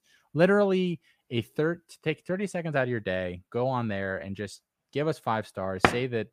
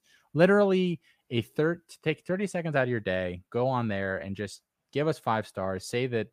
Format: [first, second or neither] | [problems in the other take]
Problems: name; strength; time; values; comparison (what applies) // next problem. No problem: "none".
second | door banging; loud; at 6 s; peak 3 dB above the speech